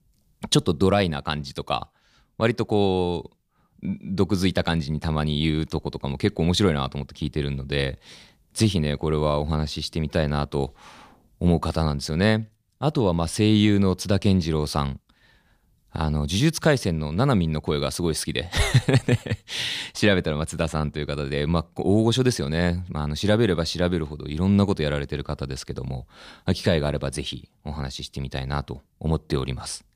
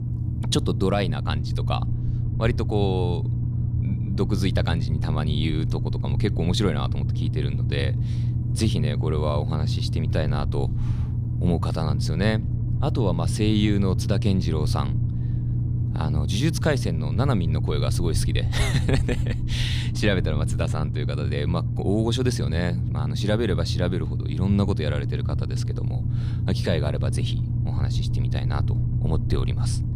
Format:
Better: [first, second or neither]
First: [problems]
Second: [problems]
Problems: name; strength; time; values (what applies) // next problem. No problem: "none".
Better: first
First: none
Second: low rumble; loud; throughout; 8 dB below the speech